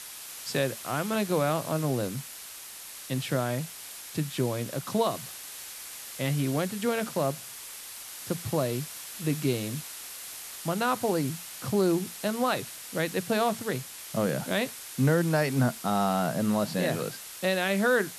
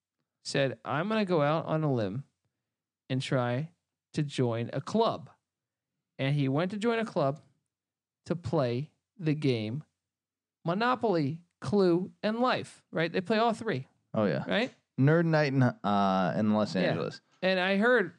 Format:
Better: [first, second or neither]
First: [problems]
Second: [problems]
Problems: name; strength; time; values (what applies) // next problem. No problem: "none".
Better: second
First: hiss; loud; throughout; 10 dB below the speech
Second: none